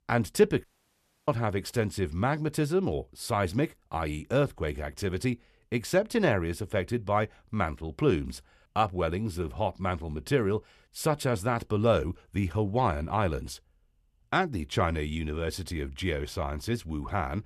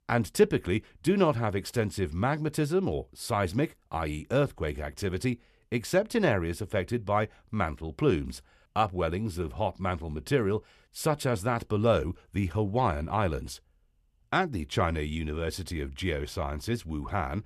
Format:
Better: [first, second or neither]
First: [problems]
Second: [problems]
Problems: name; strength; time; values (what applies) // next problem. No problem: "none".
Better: second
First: audio cutting out; at 0.5 s for 0.5 s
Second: none